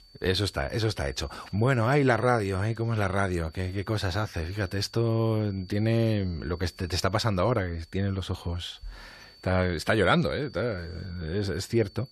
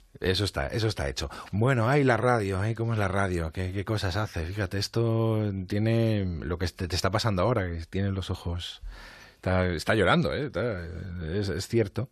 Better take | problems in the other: second | high-pitched whine; faint; throughout; 4.5 kHz, 25 dB below the speech

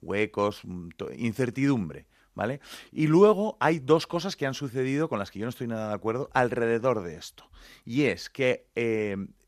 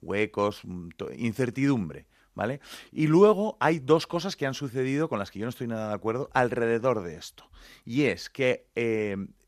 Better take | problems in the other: neither | none

